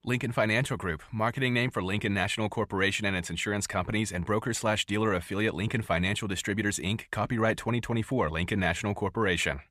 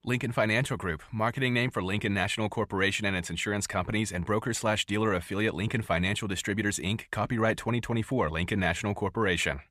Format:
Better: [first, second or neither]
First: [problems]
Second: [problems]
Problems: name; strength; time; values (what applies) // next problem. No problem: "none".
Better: neither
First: none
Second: none